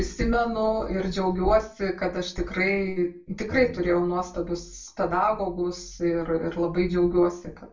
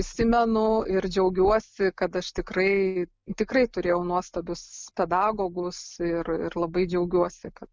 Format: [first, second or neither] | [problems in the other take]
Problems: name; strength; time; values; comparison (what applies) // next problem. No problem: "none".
second | background sound (Bowed string instrument); 20 dB below the speech // room echo; dies away in 0.3 s